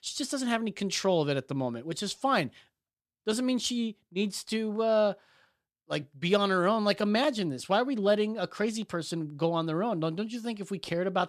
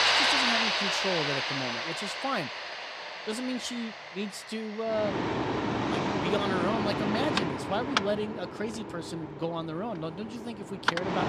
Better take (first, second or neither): first